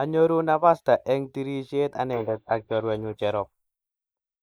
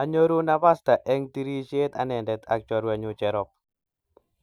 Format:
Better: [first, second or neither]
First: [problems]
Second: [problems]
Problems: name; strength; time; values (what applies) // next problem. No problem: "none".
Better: second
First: noise reduction (neural mask model Resemble Enhance denoiser)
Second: none